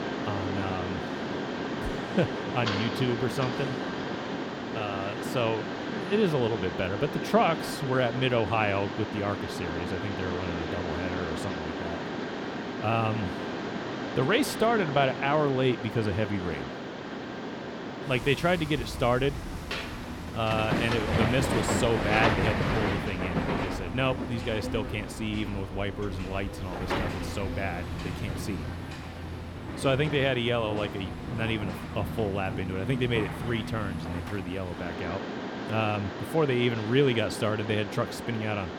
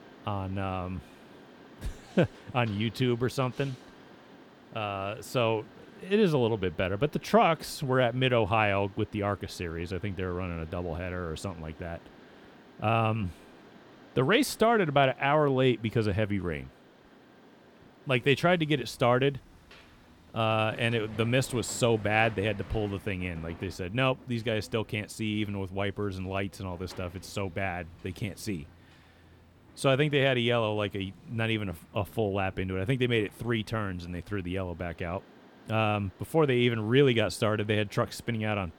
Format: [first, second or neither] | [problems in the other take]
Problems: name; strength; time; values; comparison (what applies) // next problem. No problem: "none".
second | machinery noise; loud; throughout; 4 dB below the speech; faint in the second